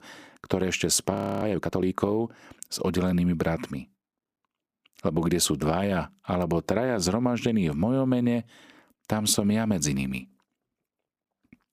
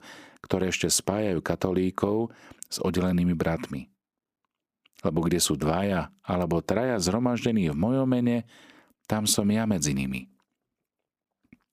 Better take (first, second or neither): second